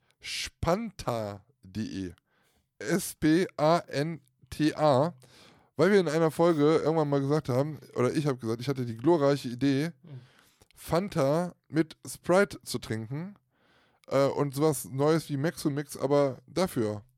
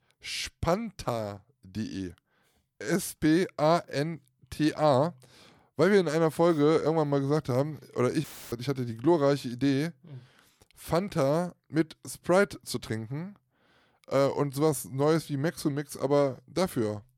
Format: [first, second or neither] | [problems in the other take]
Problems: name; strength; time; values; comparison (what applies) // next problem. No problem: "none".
first | audio cutting out; filled with static; at 8 s